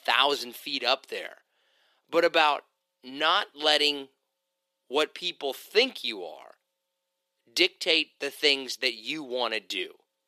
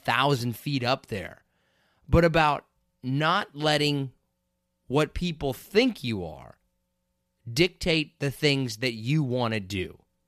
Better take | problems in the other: second | thin; very; fading below 350 Hz

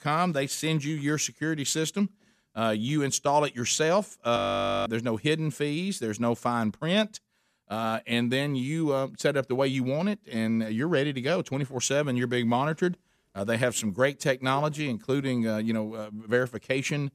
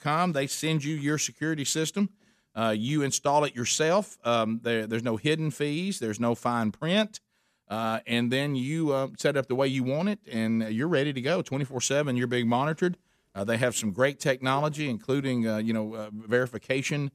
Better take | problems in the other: second | audio freezing; at 4.5 s

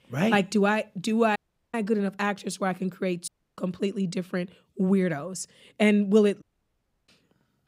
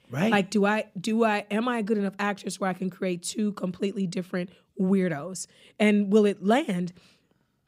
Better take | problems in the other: second | audio cutting out; at 1.5 s, at 3.5 s and at 6.5 s for 0.5 s

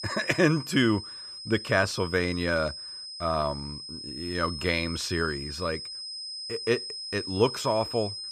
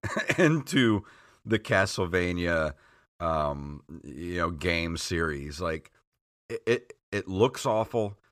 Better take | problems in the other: second | high-pitched whine; loud; throughout; 5 kHz, 8 dB below the speech

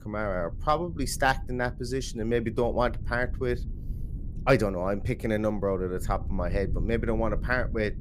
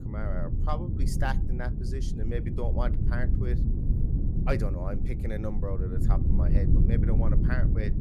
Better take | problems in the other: first | low rumble; loud; throughout; 4 dB below the speech; faint in the first

